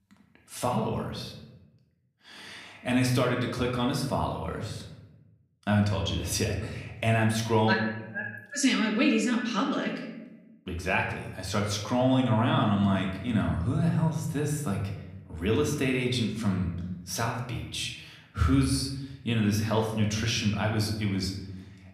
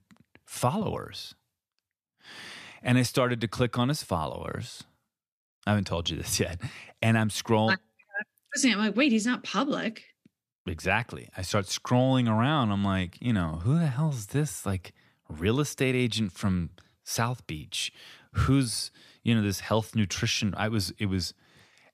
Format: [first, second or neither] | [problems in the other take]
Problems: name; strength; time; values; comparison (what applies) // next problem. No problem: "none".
second | room echo; slight; dies away in 0.8 s // off-mic speech; somewhat distant